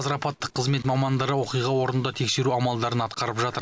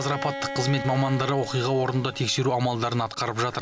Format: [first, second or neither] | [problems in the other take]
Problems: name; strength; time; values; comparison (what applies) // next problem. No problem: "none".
first | background sound (Bowed string instrument); 11 dB below the speech